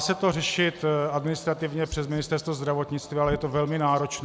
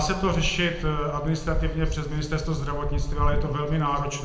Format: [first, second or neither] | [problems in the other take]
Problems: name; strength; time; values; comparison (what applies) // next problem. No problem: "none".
first | background sound (Wind); 2 dB below the speech // room echo; dies away in 0.7 s